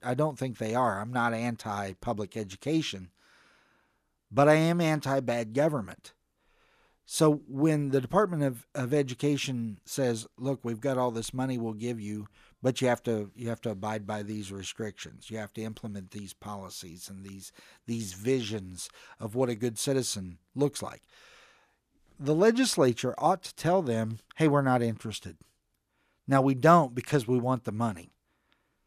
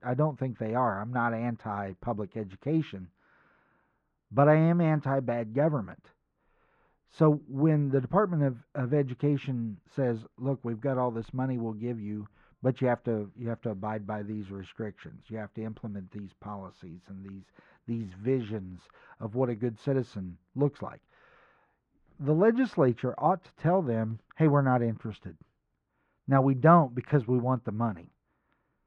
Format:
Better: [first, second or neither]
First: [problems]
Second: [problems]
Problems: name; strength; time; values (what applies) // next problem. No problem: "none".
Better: first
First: none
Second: muffled; very; fading above 1.5 kHz